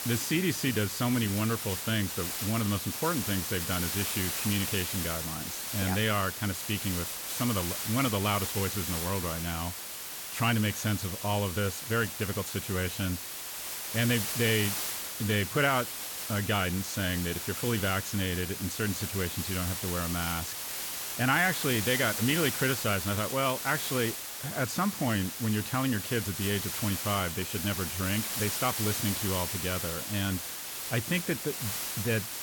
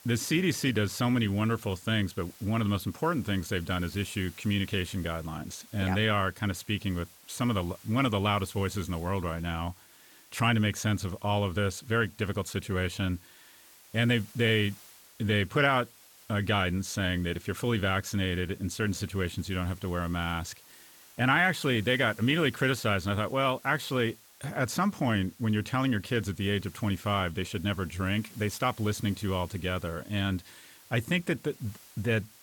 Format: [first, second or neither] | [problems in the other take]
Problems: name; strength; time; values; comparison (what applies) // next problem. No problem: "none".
second | hiss; loud; throughout; 3 dB below the speech; faint in the second